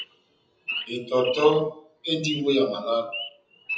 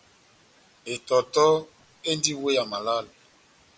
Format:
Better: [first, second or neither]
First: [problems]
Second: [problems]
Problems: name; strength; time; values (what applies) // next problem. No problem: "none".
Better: second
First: noise reduction (classical method WPE with log-MMSE)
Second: none